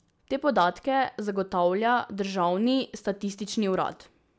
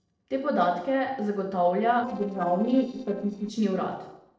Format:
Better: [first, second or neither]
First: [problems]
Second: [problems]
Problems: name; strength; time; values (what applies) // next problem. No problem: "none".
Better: first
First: none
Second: noise reduction (neural separator model SepFormer DNS4)